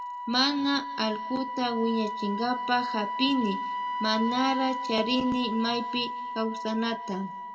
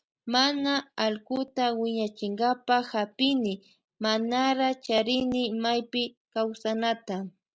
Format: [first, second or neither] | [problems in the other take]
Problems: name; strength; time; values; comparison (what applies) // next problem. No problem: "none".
second | background sound (Wind instrument, woodwind instrument); 5 dB below the speech // room echo; dies away in 1.2 s